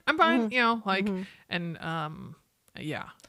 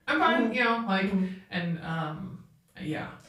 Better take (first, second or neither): first